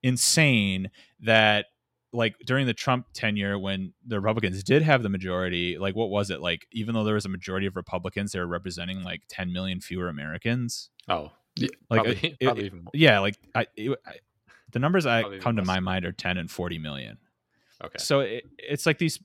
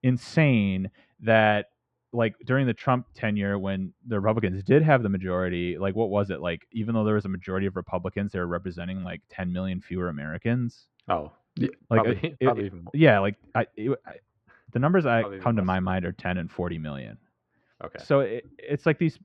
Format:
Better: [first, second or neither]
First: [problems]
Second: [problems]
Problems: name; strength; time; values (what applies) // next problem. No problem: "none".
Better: first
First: none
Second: muffled; very; fading above 1.5 kHz